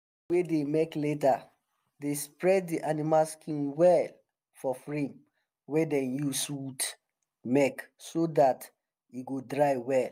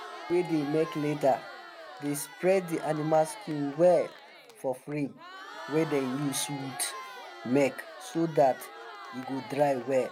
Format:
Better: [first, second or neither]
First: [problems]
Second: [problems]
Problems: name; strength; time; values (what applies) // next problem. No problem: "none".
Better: first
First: none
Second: background sound (Crowd); 14 dB below the speech